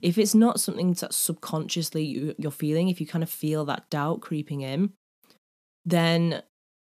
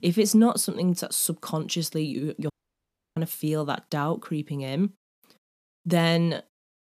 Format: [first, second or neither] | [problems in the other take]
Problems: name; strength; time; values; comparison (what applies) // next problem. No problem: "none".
first | audio cutting out; at 2.5 s for 0.5 s